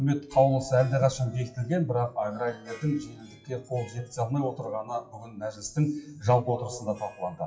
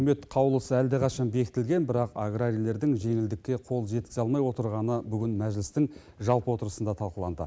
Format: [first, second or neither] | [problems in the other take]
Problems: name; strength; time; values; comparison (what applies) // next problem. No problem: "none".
second | noise reduction (classical method WPE with log-MMSE)